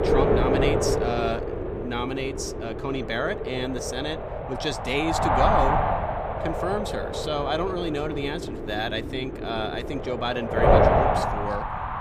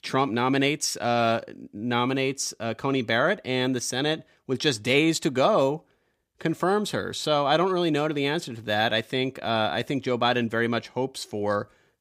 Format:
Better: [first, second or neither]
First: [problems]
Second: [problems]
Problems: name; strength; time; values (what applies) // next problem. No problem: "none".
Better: second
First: wind noise on the microphone; heavy; 4 dB above the speech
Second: none